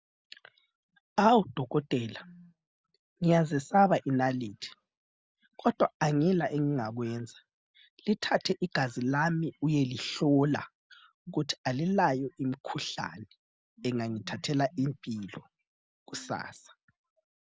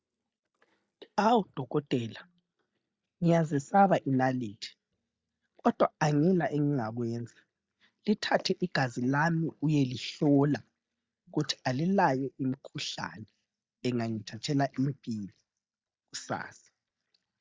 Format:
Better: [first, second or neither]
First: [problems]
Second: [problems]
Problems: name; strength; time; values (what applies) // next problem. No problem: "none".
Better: first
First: none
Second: noise reduction (neural mask model DeepFilterNet 3)